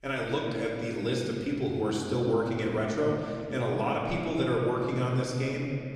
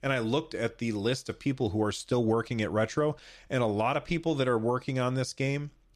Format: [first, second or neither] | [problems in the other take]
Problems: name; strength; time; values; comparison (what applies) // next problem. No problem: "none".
second | room echo; noticeable; dies away in 2.3 s // off-mic speech; somewhat distant